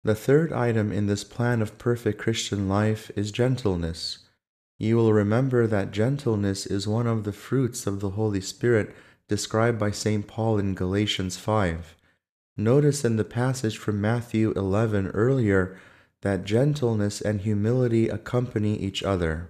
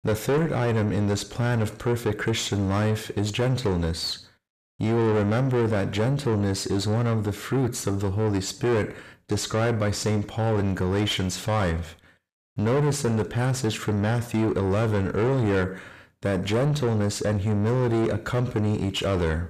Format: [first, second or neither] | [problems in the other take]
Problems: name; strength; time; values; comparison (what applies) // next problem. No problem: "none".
first | distortion; heavy; 8 dB below the speech